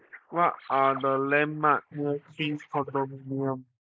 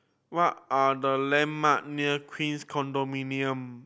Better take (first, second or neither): second